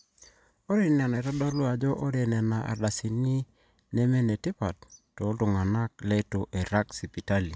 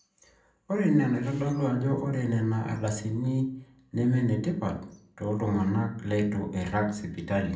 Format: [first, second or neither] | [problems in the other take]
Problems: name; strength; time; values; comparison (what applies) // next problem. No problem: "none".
first | room echo; dies away in 0.6 s